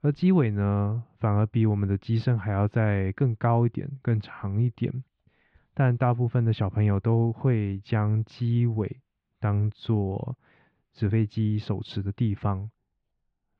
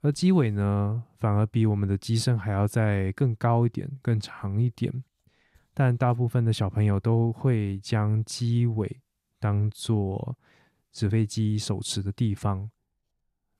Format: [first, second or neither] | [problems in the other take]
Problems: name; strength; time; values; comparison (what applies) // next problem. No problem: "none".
second | muffled; very; fading above 3 kHz